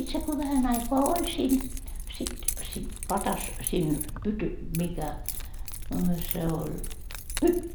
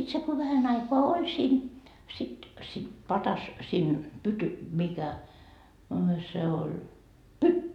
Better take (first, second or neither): second